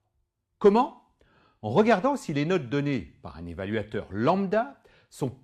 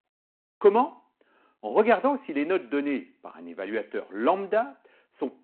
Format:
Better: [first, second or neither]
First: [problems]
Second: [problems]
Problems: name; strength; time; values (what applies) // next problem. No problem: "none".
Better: first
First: none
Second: phone-call audio